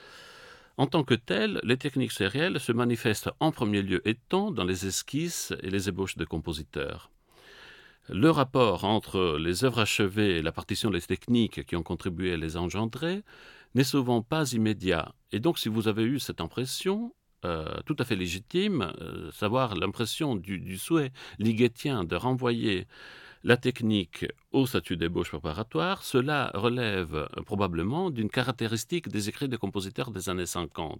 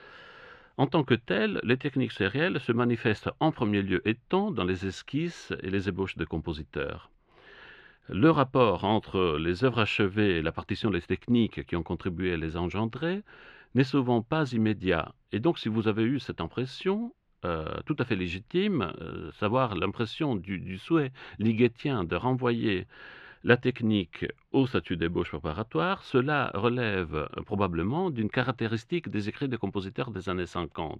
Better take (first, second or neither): first